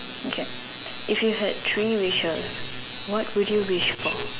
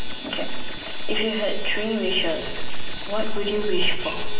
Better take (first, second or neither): first